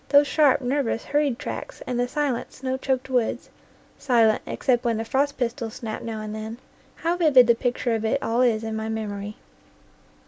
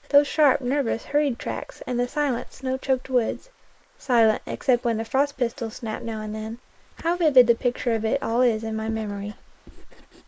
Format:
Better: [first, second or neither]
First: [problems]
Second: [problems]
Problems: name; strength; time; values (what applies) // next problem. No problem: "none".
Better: first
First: none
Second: noise reduction (neural mask model Resemble Enhance denoiser)